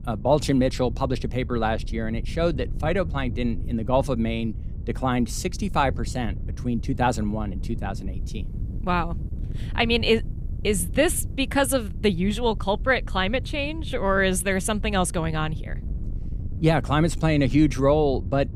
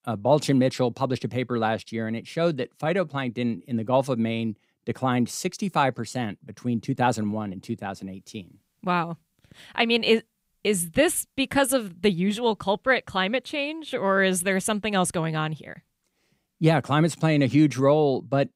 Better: second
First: wind noise on the microphone; occasional gusts; 20 dB below the speech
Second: none

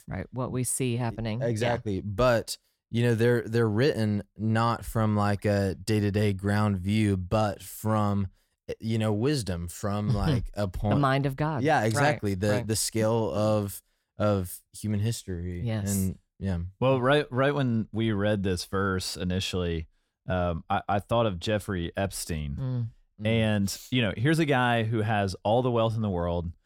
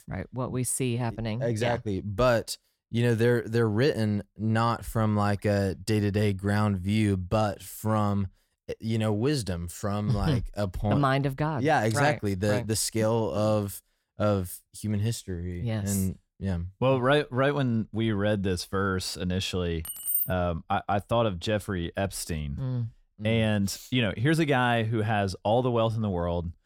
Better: first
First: none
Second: jangling keys; loud; at 20 s; peak 1 dB above the speech

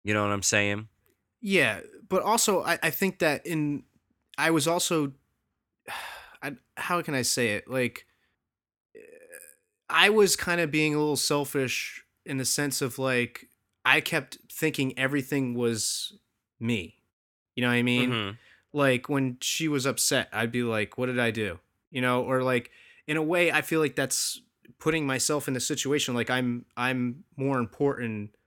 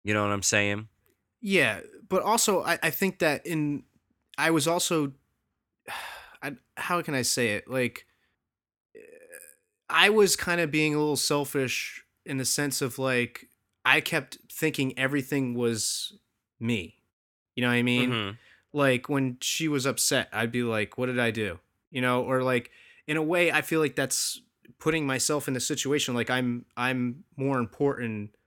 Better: neither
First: none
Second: none

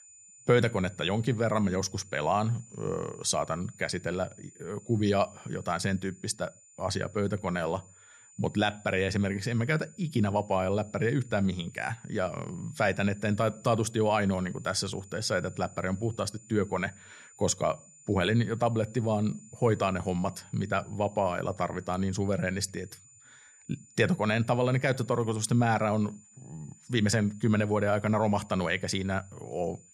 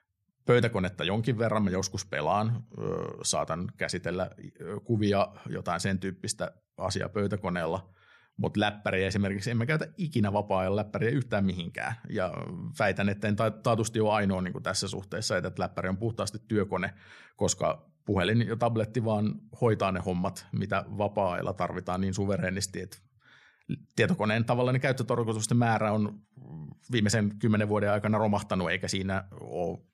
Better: second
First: high-pitched whine; faint; throughout; 7 kHz, 25 dB below the speech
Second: none

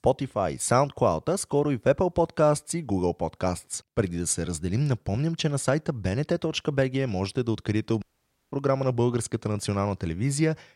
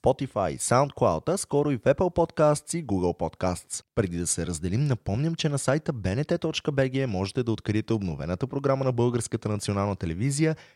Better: second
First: audio cutting out; at 8 s for 0.5 s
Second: none

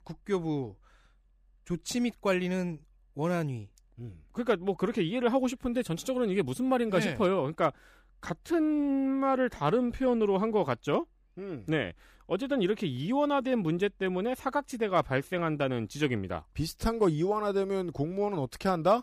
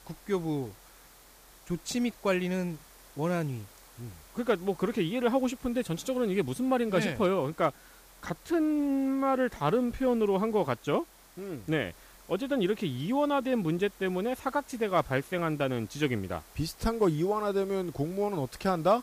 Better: first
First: none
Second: hiss; faint; throughout; 25 dB below the speech

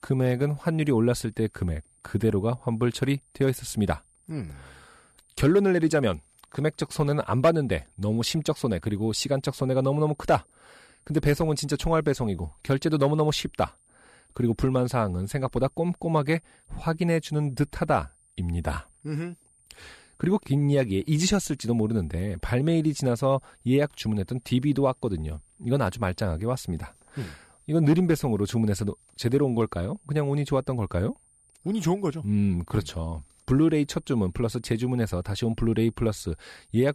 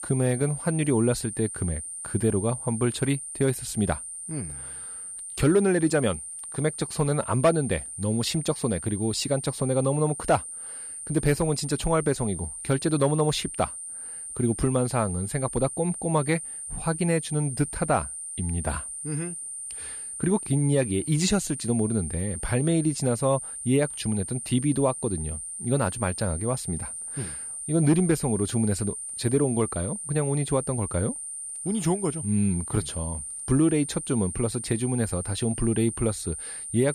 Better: first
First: high-pitched whine; faint; throughout; 9 kHz, 35 dB below the speech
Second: high-pitched whine; loud; throughout; 9 kHz, 7 dB below the speech

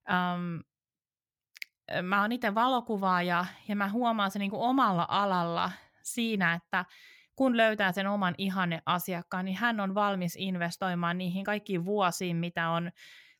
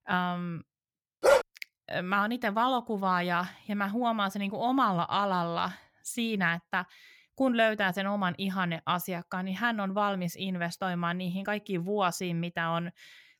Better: first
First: none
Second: dog barking; loud; at 1 s; peak 6 dB above the speech

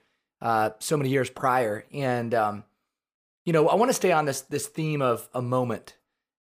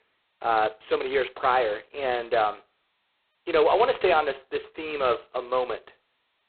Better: first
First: none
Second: phone-call audio; poor line; nothing above 4 kHz

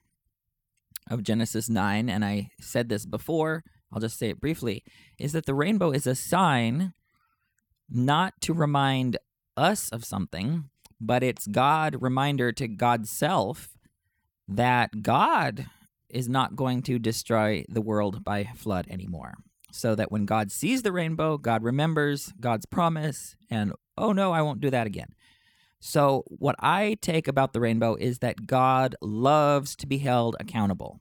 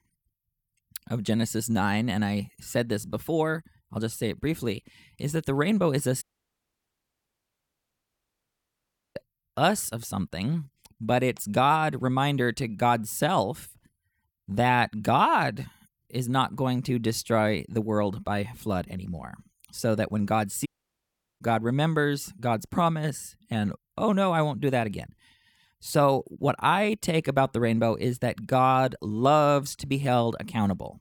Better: first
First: none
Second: audio cutting out; at 6 s for 3 s and at 21 s for 0.5 s

